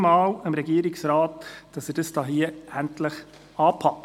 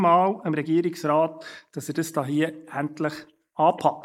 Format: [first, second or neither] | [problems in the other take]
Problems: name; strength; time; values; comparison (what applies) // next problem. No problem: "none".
first | noise reduction (neural mask model Resemble Enhance denoiser)